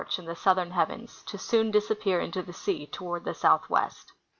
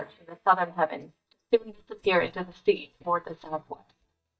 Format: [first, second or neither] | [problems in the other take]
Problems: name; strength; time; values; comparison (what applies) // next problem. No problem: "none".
first | noise reduction (neural mask model DeepFilterNet 3)